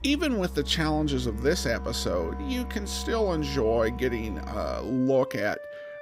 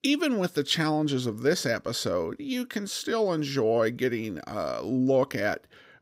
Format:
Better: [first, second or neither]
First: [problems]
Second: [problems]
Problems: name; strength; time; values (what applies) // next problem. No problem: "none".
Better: second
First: background music; loud; throughout; 10 dB below the speech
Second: none